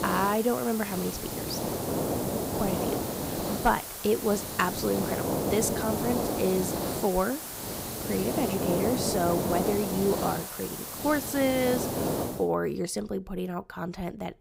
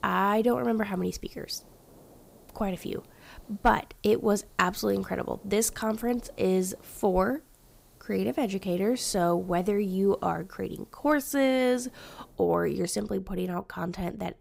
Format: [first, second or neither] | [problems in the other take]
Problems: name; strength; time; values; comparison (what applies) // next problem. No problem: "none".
second | hiss; loud; until 12 s; 2 dB below the speech; faint in the second